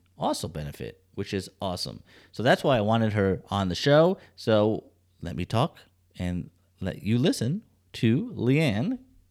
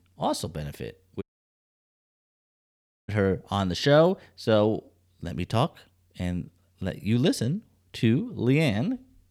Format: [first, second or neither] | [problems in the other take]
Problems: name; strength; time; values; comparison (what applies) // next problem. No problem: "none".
first | audio cutting out; at 1 s for 2 s